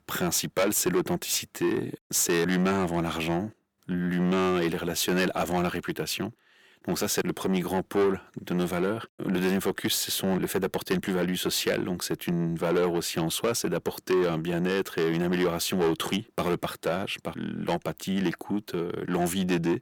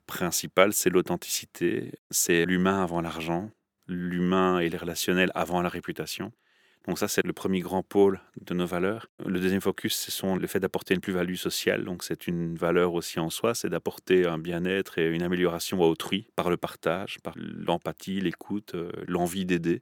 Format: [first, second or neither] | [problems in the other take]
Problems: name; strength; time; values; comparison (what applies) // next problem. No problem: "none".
second | distortion; heavy; 8 dB below the speech